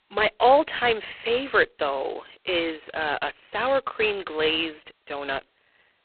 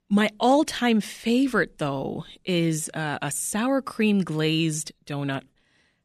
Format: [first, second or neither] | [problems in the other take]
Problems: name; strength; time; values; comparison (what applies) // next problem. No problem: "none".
second | phone-call audio; poor line